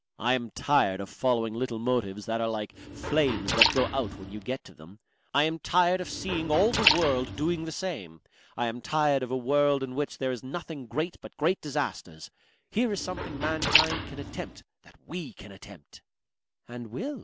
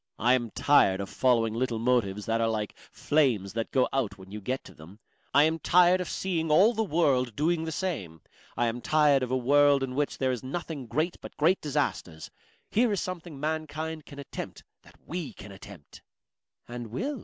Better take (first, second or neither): second